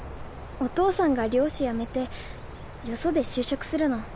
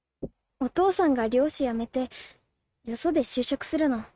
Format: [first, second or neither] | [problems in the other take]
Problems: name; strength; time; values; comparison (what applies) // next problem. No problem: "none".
first | noise reduction (neural mask model RNNoise)